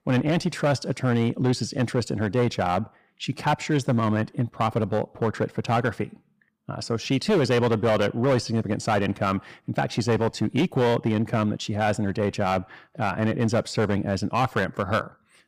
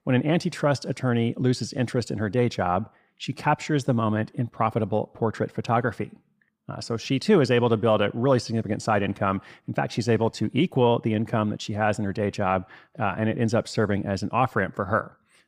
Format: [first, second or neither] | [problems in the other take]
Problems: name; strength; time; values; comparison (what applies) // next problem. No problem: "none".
second | distortion; slight; 8% of the sound clipped